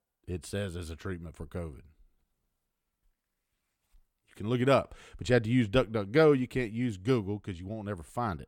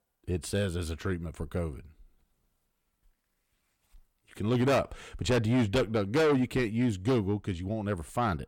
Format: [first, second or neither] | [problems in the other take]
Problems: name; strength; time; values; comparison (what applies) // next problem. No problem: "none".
first | distortion; heavy; 6 dB below the speech